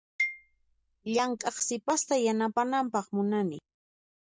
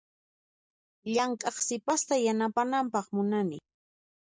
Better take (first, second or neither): second